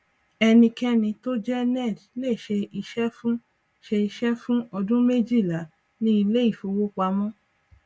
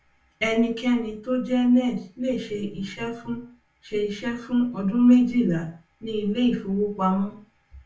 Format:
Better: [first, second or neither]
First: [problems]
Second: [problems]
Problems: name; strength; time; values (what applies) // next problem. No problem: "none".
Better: first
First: none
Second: room echo; dies away in 0.3 s